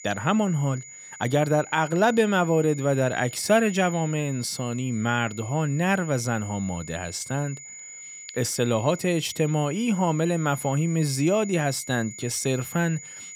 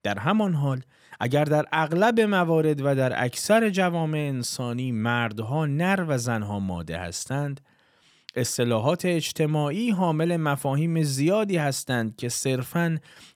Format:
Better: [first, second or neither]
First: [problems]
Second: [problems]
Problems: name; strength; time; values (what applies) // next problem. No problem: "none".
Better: second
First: high-pitched whine; noticeable; throughout; 7 kHz, 15 dB below the speech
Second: none